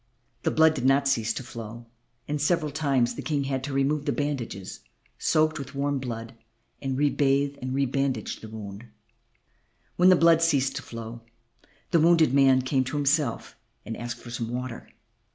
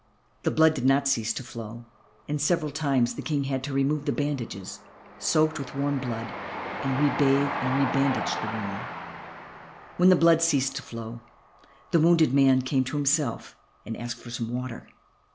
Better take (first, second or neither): first